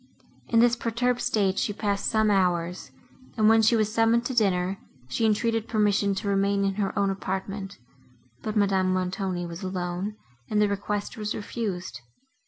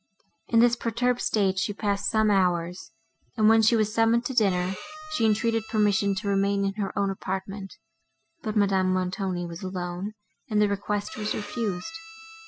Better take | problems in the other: first | noise reduction (classical method spectral subtraction)

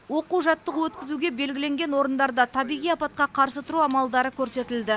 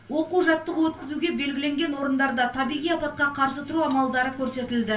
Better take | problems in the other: first | room echo; dies away in 0.3 s

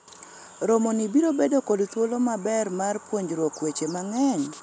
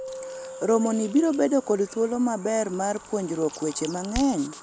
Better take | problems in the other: first | background sound (Crack + Keyboard (musical)); 16 dB below the speech

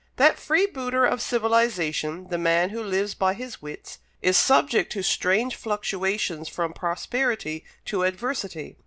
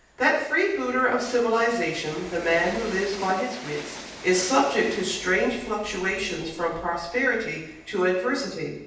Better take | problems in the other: first | background sound (Train); 17 dB below the speech // room echo; dies away in 0.9 s

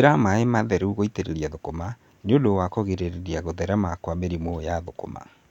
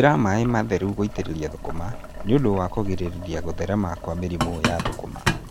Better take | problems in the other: first | background sound (Boiling); 6 dB below the speech

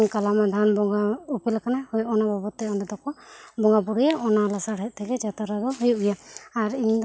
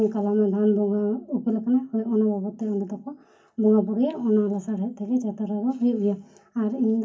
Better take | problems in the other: first | room echo; dies away in 0.3 s

